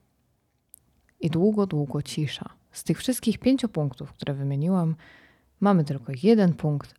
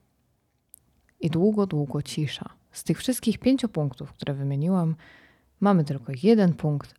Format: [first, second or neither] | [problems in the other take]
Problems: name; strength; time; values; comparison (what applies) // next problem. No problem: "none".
neither | none